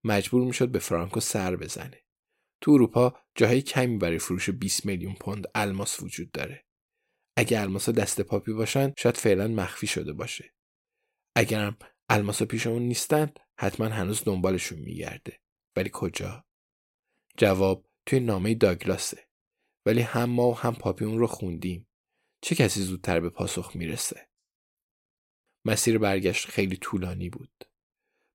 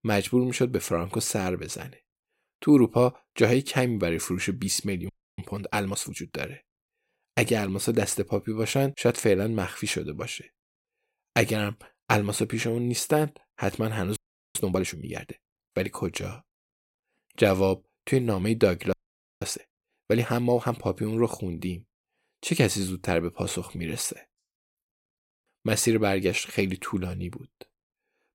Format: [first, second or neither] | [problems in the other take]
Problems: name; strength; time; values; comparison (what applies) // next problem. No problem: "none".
first | audio freezing; at 5 s, at 14 s and at 19 s